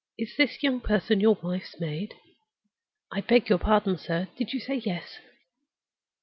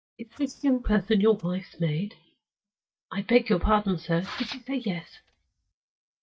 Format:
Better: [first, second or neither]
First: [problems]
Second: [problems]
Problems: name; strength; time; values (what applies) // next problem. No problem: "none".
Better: first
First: none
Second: noise reduction (neural mask model DeepFilterNet 3)